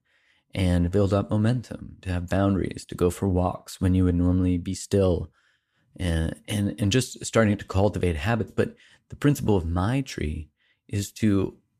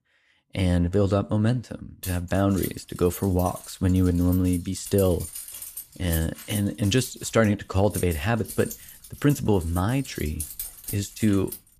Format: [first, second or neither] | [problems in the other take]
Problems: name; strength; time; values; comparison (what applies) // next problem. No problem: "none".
first | jangling keys; noticeable; from 2 s on; peak 7 dB below the speech